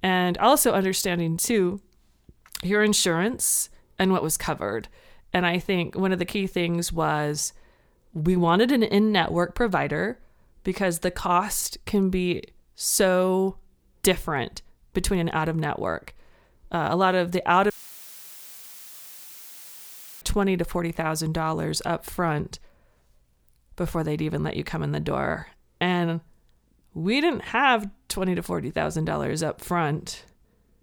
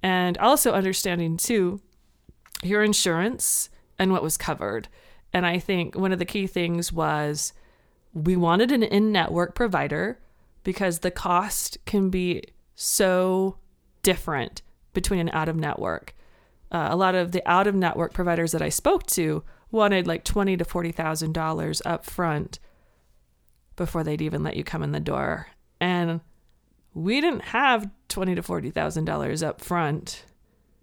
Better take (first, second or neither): second